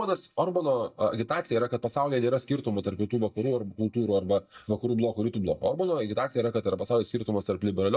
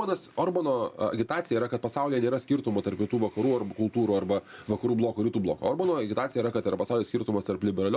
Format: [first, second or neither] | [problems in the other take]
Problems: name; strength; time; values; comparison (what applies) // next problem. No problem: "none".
second | noise reduction (neural mask model DeepFilterNet 3)